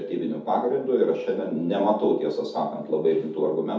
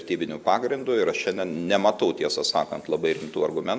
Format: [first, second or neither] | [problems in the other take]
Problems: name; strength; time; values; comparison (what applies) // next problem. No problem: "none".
second | room echo; dies away in 0.5 s